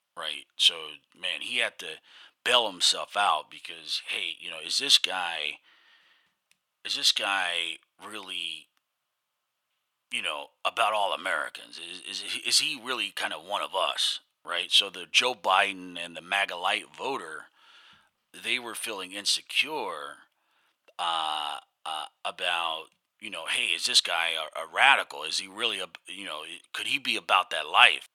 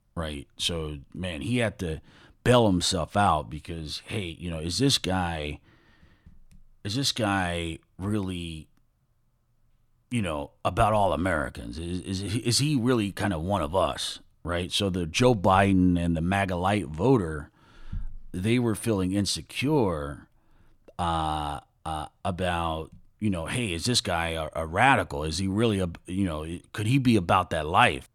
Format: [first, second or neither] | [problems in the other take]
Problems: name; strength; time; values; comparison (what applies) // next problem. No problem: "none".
second | thin; very; fading below 850 Hz